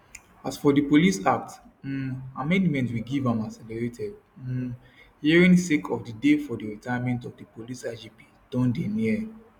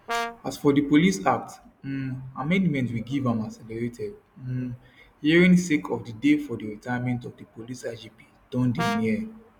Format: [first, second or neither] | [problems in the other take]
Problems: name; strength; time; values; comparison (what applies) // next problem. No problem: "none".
first | background sound (Brass instrument); 4 dB below the speech